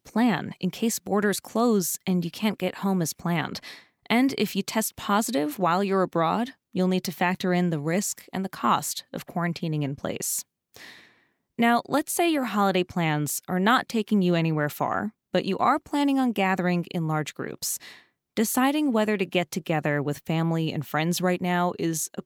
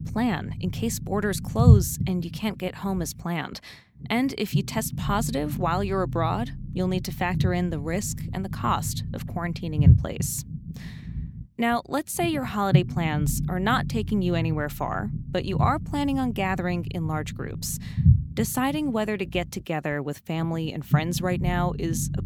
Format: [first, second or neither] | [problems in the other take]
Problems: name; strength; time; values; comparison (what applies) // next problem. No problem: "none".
first | low rumble; noticeable; throughout; 10 dB below the speech